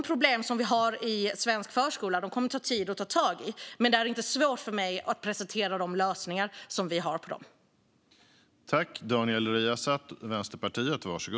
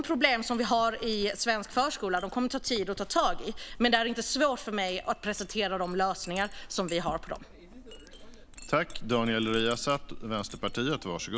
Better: first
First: none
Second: background sound (Chink, clink); 13 dB below the speech

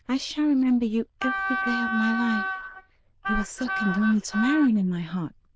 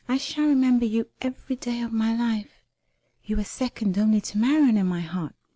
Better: second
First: noise reduction (neural diffusion model UNIVERSE++)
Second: none

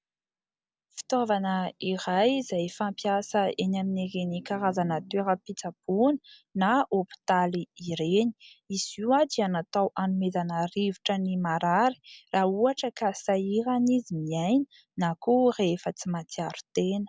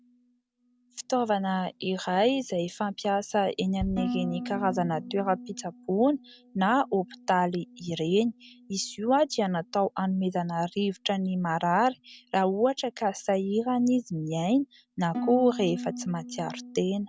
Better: first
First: none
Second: background sound (Bass drum + Harp); 14 dB below the speech

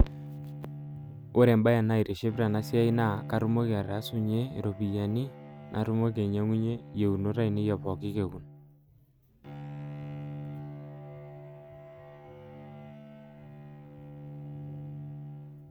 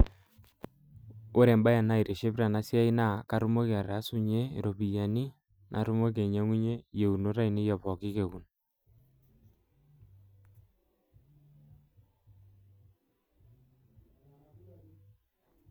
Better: second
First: background sound (Bowed string instrument); 12 dB below the speech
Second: none

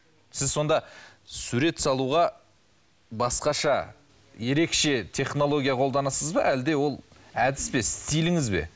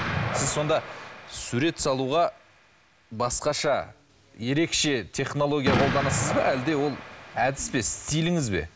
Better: first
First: none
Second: background sound (Explosion); 7 dB below the speech

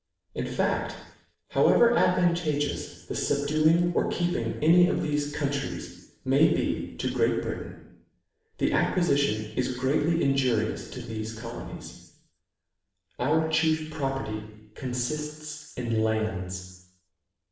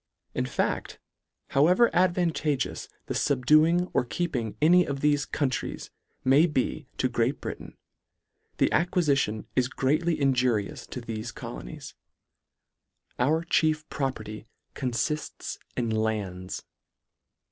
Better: second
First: room echo; dies away in 0.8 s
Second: none

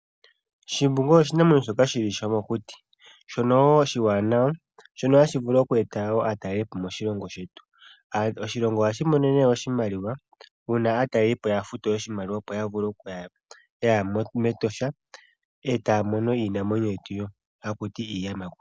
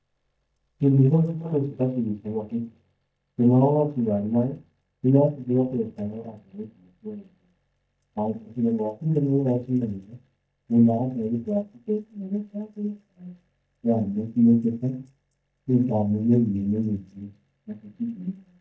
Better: first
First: none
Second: noise reduction (neural mask model DeepFilterNet 3)

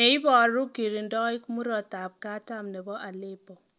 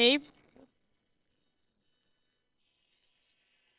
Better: first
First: none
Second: noise reduction (neural separator model SepFormer WHAM!)

